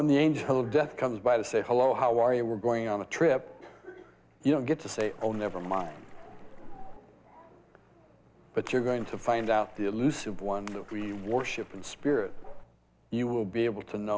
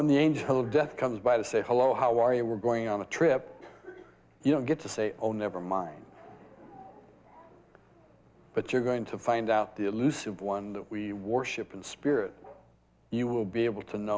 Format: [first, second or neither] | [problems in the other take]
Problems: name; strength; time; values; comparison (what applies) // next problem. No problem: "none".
second | background sound (Splash, splatter); 13 dB below the speech